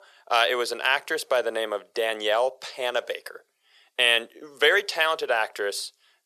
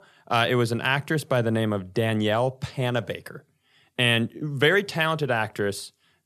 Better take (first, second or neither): second